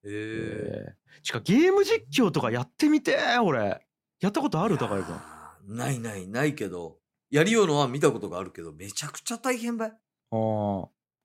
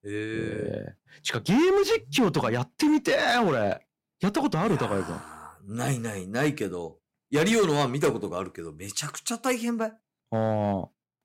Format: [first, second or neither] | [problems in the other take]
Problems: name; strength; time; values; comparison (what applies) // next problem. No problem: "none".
first | distortion; slight; 6% of the sound clipped